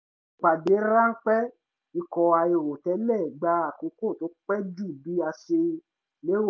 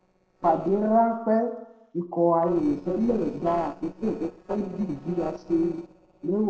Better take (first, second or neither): first